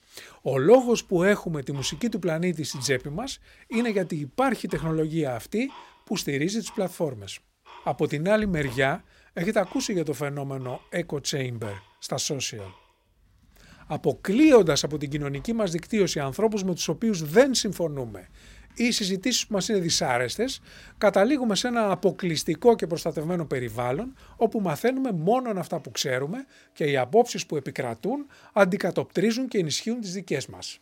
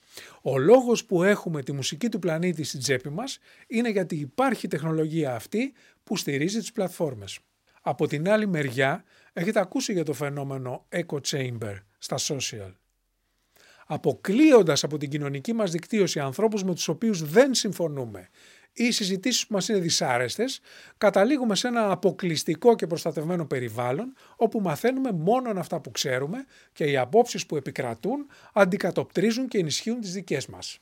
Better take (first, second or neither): second